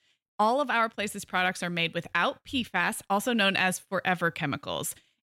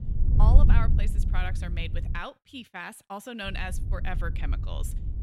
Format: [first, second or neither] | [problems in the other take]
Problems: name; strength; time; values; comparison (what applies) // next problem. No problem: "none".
first | wind noise on the microphone; heavy; until 2 s and from 3.5 s on; 7 dB below the speech